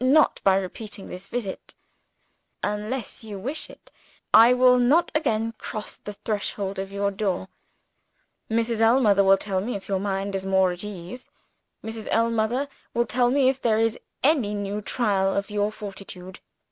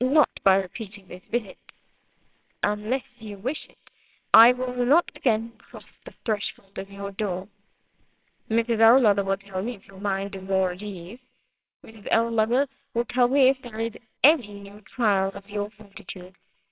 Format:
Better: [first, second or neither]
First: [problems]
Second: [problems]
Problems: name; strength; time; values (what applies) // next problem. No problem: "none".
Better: first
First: none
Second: noise reduction (neural separator model SepFormer WHAMR!)